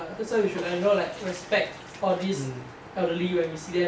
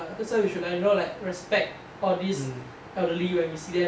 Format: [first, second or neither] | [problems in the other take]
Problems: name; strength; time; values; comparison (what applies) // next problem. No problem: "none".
second | background sound (Bathtub (filling or washing)); 19 dB below the speech